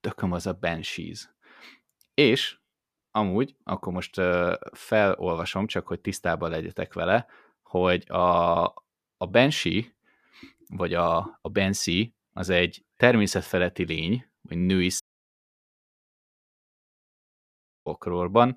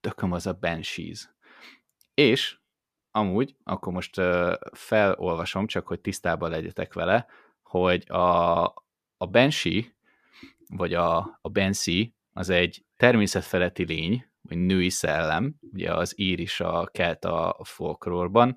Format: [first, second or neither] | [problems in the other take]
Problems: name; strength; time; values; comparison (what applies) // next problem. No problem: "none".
second | audio cutting out; at 15 s for 3 s